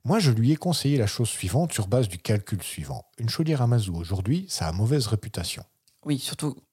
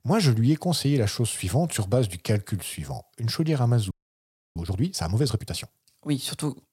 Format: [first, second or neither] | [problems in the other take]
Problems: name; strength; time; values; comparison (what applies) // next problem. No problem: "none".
first | audio freezing; at 4 s for 0.5 s